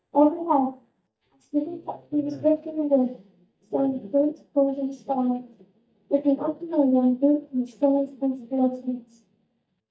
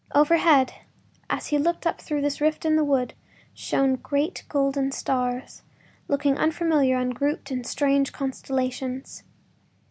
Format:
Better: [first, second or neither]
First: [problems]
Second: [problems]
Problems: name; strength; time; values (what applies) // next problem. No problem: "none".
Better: second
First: noise reduction (neural mask model DeepFilterNet 3)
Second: none